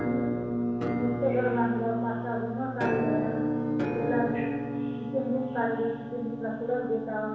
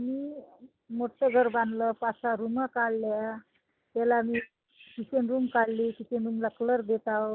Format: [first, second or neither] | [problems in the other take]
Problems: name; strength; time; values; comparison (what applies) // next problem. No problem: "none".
second | background sound (Musical instrument); 1 dB above the speech // room echo; dies away in 1.1 s